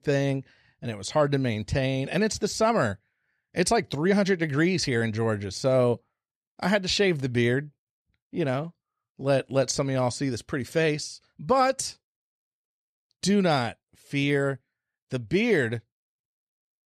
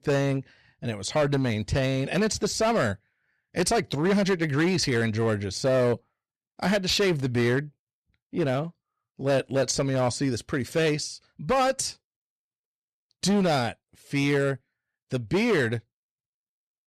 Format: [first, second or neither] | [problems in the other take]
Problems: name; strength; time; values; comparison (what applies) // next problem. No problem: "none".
first | distortion; slight; 8% of the sound clipped